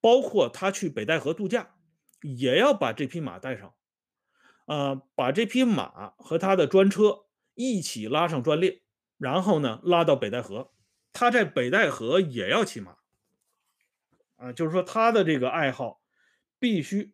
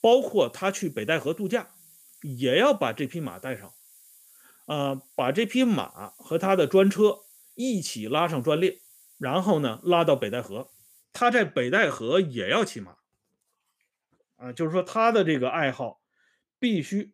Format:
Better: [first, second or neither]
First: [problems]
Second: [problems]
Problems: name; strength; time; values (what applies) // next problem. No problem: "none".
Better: first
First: none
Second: hiss; faint; until 11 s; 25 dB below the speech